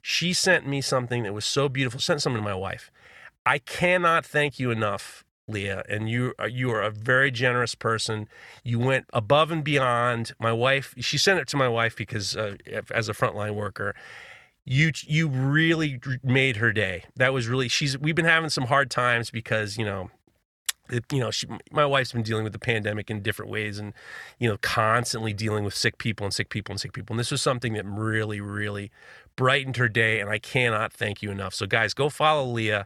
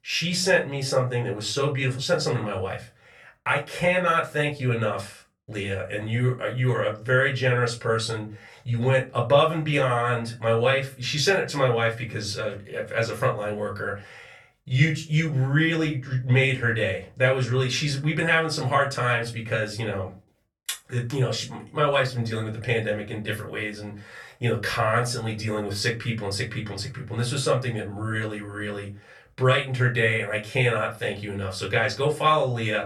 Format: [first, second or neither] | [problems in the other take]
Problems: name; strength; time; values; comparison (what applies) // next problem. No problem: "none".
first | off-mic speech; far // room echo; very slight; dies away in 0.2 s